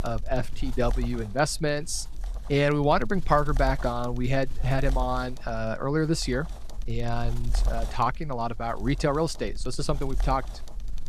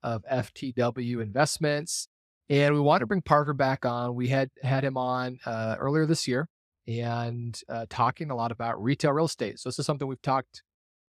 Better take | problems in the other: second | wind noise on the microphone; occasional gusts; 20 dB below the speech

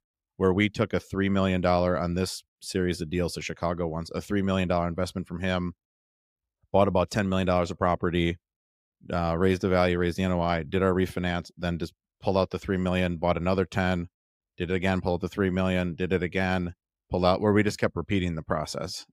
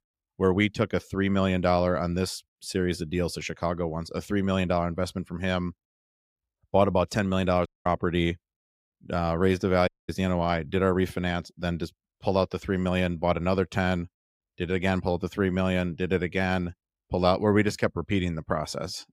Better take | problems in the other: first | audio cutting out; at 7.5 s and at 10 s

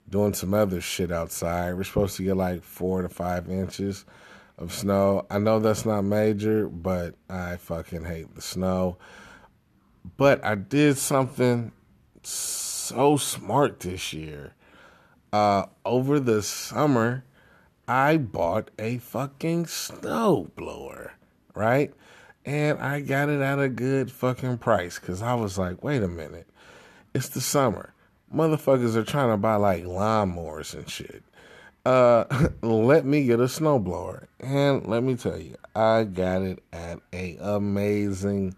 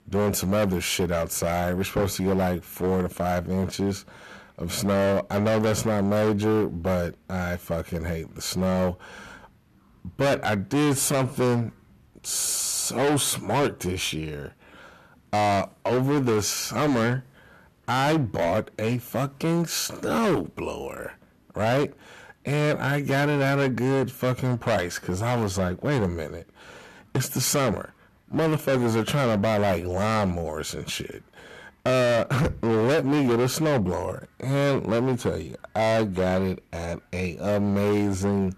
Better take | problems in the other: first | distortion; heavy; 15% of the sound clipped

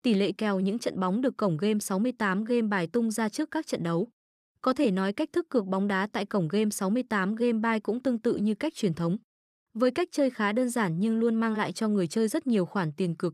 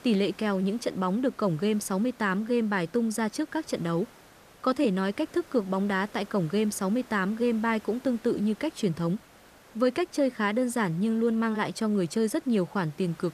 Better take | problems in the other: first | hiss; faint; throughout; 25 dB below the speech

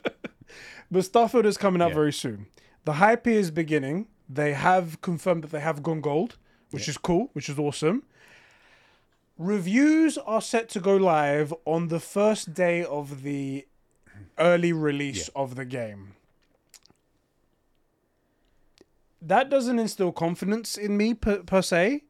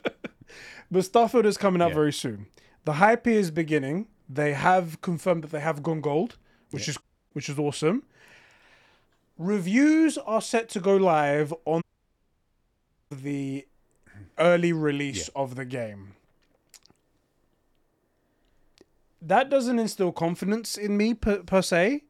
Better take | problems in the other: first | audio cutting out; at 7 s and at 12 s for 1.5 s

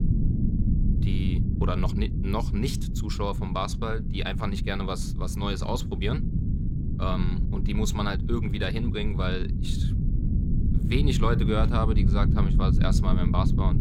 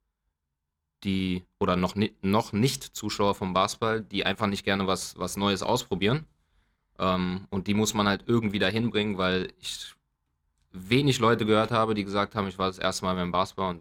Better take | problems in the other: second | low rumble; loud; throughout; 6 dB below the speech

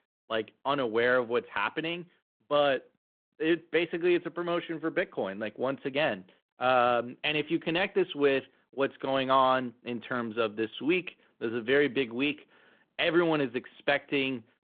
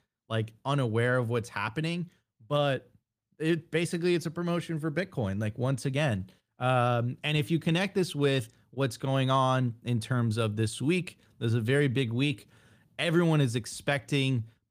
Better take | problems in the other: second | phone-call audio

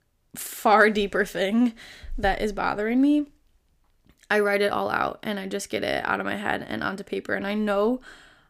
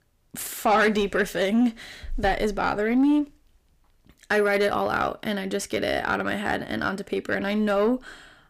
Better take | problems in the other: first | distortion; slight; 10 dB below the speech

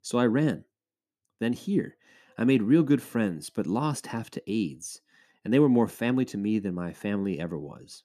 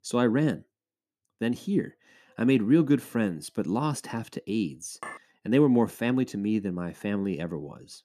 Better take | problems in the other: first | clattering dishes; faint; at 5 s; peak 15 dB below the speech

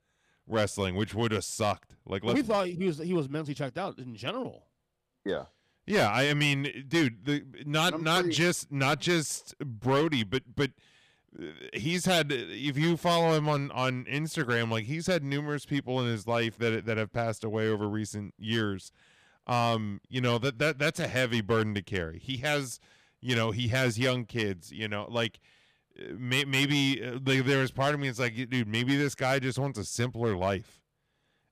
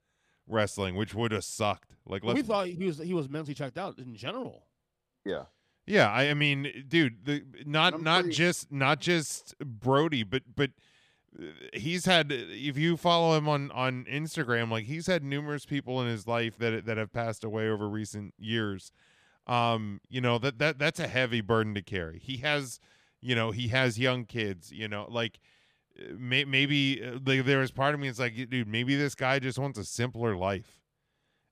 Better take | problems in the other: second | distortion; slight; 4% of the sound clipped

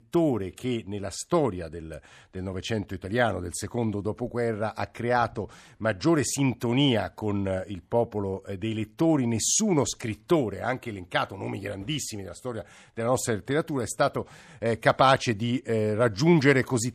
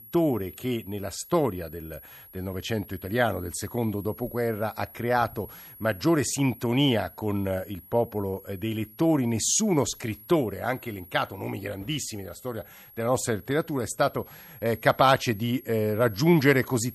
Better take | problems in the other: first | high-pitched whine; noticeable; throughout; 11.5 kHz, 20 dB below the speech

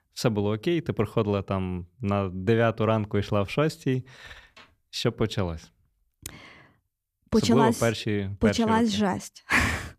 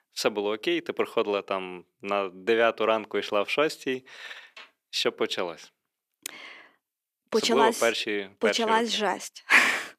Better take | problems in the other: first | thin; somewhat; fading below 350 Hz

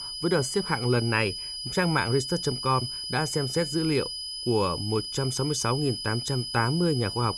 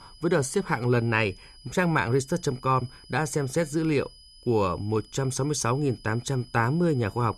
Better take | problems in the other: second | high-pitched whine; loud; throughout; 5 kHz, 5 dB below the speech; faint in the second

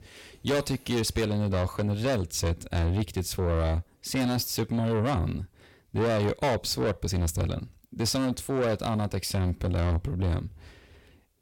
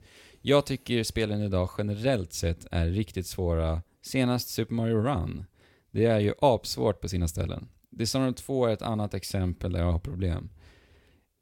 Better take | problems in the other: second | distortion; heavy; 7 dB below the speech

